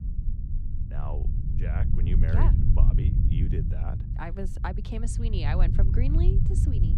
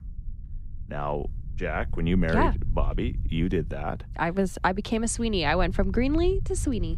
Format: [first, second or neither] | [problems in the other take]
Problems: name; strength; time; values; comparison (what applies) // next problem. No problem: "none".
second | low rumble; loud; throughout; 2 dB below the speech; faint in the second